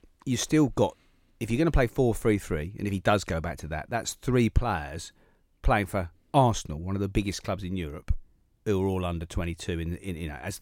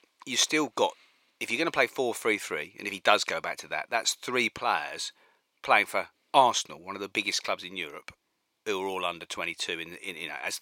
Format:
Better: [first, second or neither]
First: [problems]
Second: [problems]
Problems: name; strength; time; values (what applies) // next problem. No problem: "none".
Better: first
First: none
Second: thin; very; fading below 500 Hz